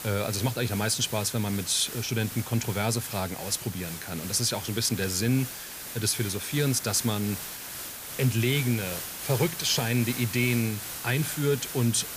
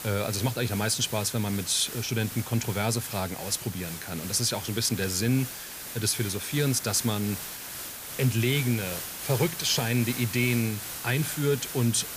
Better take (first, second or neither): neither